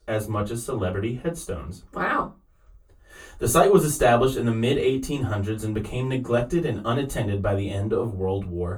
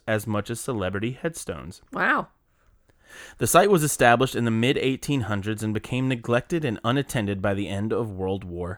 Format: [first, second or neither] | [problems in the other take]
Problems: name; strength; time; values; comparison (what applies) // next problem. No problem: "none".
second | off-mic speech; far // room echo; very slight; dies away in 0.2 s